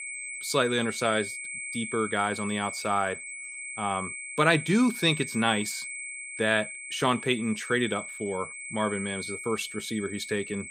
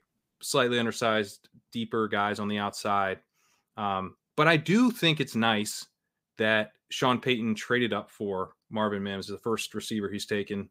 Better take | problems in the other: second | high-pitched whine; loud; throughout; 2 kHz, 8 dB below the speech

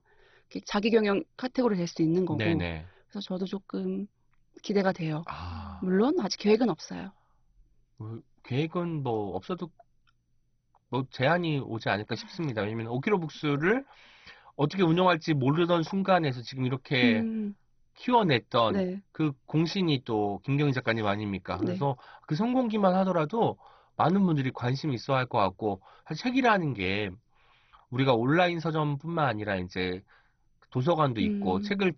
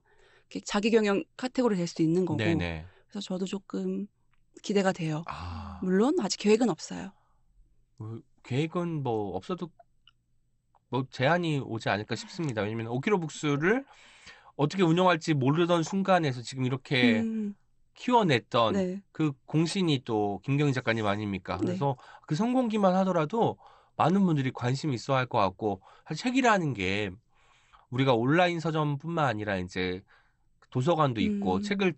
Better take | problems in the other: second | garbled, watery; badly; nothing above 6 kHz; slightly in the second

